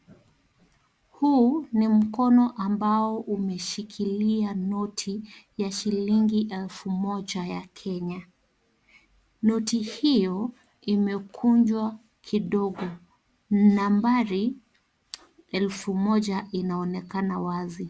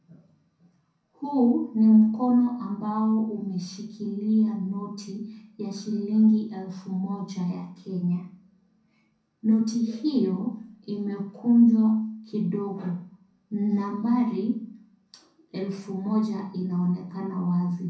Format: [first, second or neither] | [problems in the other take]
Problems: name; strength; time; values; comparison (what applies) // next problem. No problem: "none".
first | room echo; dies away in 0.5 s